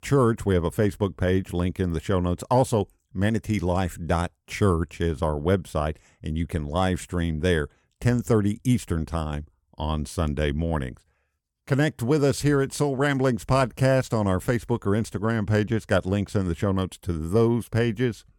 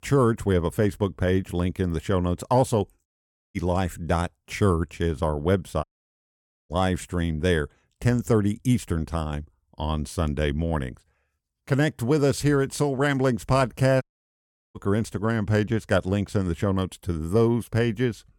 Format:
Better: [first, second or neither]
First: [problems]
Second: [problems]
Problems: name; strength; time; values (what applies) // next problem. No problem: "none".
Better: first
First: none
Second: audio cutting out; at 3 s, at 6 s for 1 s and at 14 s for 0.5 s